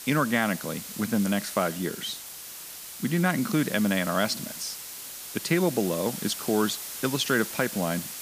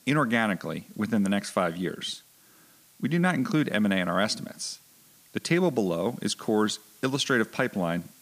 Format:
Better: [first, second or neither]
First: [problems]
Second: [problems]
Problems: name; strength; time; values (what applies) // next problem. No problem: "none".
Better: second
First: hiss; loud; throughout; 8 dB below the speech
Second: hiss; faint; throughout; 25 dB below the speech